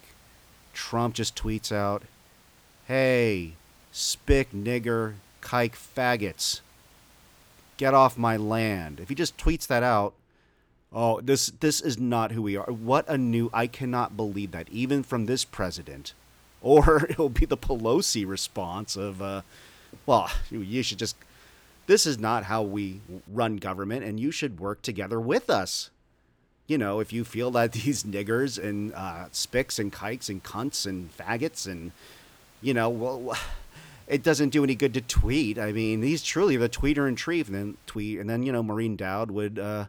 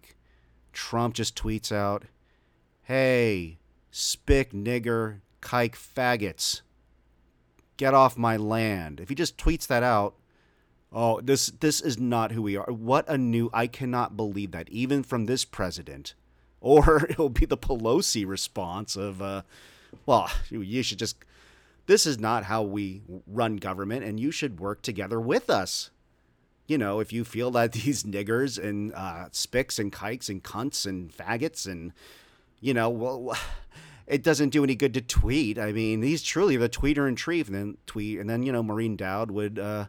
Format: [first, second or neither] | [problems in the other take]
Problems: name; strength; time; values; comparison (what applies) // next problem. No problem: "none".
second | hiss; faint; until 9.5 s, from 13 to 23 s and from 27 to 38 s; 30 dB below the speech